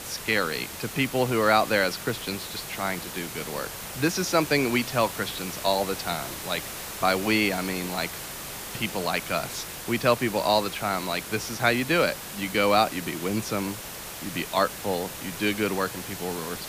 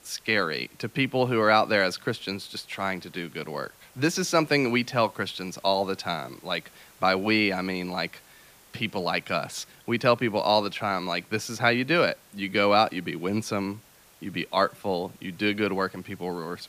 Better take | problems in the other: second | hiss; loud; throughout; 9 dB below the speech; faint in the second

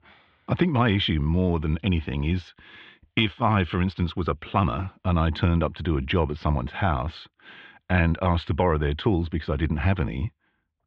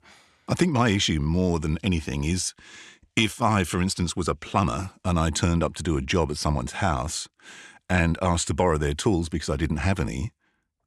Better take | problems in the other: second | muffled; very; fading above 3.5 kHz

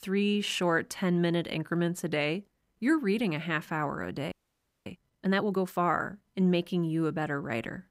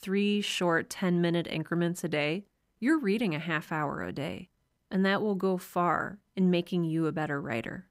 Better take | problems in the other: second | audio freezing; at 4.5 s for 0.5 s

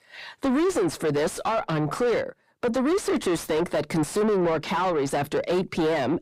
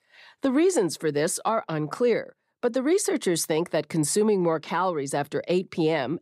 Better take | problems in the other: second | distortion; heavy; 6 dB below the speech

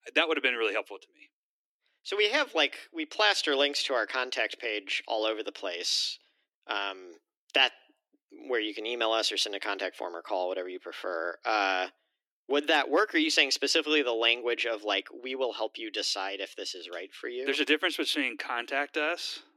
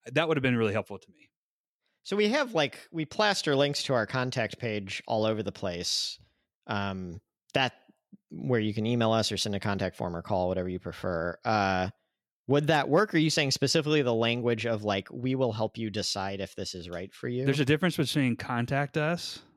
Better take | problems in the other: second | thin; somewhat; fading below 300 Hz

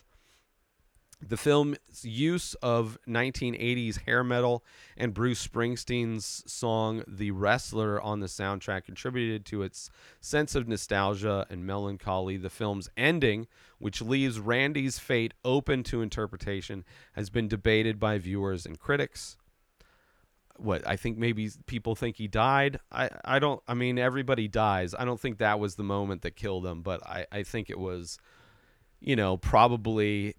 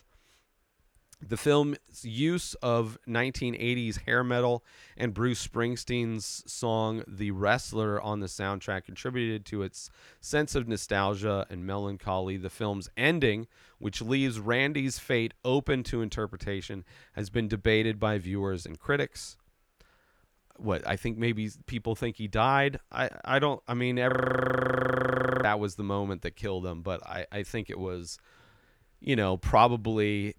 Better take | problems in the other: first | audio freezing; at 24 s for 1.5 s

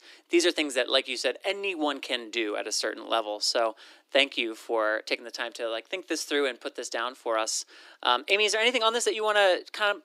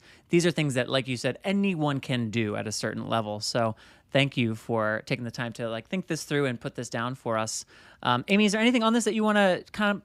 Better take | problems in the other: second | thin; very; fading below 300 Hz

